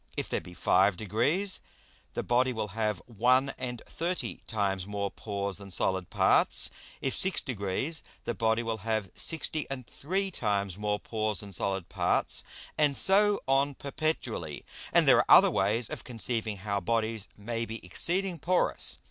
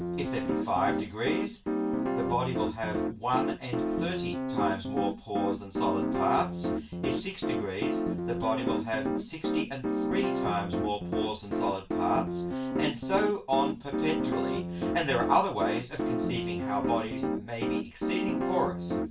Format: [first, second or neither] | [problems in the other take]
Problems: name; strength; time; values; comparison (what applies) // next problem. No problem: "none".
first | background sound (Piano); 2 dB above the speech // room echo; dies away in 0.2 s